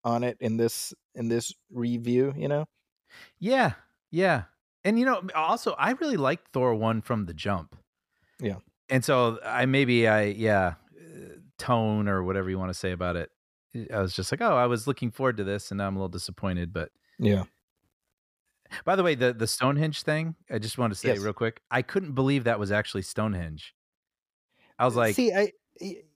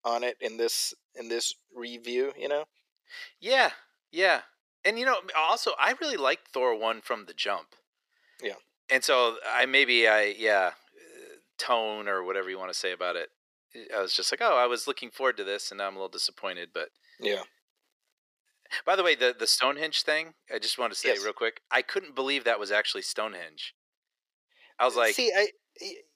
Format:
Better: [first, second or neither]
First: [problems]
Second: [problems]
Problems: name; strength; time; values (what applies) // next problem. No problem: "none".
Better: first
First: none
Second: thin; very; fading below 400 Hz